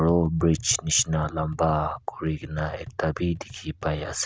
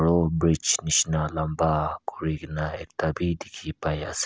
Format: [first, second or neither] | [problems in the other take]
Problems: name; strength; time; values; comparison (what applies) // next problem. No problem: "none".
second | background sound (Tap); 18 dB below the speech